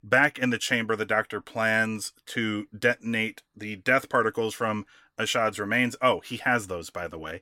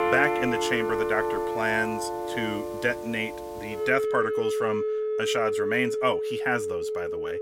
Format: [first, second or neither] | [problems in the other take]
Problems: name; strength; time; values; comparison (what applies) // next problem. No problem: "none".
first | background music; loud; throughout; as loud as the speech